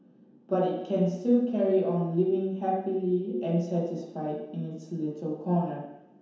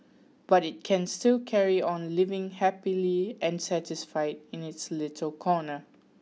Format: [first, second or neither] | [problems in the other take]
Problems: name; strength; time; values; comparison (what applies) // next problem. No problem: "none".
second | room echo; dies away in 0.9 s